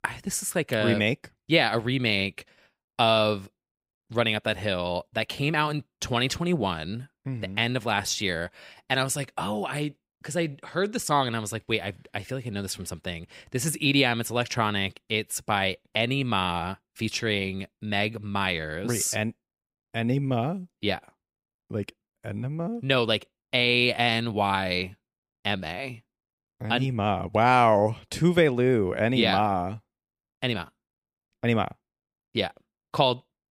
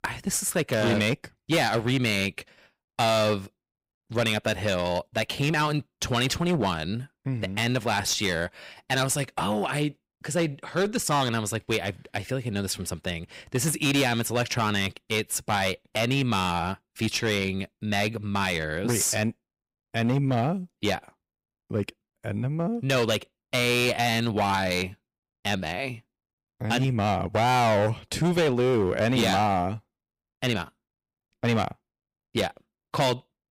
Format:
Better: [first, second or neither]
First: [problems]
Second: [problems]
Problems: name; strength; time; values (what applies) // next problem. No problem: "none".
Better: first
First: none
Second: distortion; heavy; 9% of the sound clipped